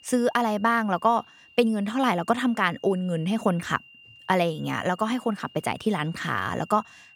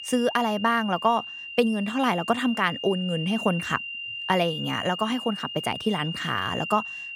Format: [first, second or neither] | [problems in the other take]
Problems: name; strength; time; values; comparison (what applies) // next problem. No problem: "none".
first | high-pitched whine; loud; throughout; 3 kHz, 7 dB below the speech; faint in the first